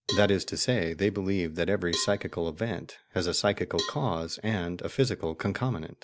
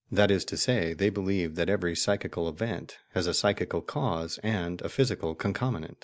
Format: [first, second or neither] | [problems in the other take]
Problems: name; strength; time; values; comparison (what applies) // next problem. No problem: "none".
second | background sound (Cowbell); 13 dB below the speech